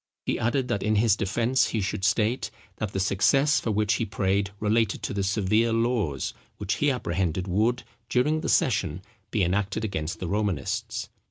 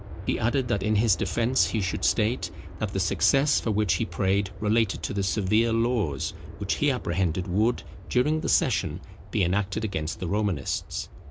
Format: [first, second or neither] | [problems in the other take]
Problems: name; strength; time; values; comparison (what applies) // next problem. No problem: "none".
first | background sound (Aircraft); 12 dB below the speech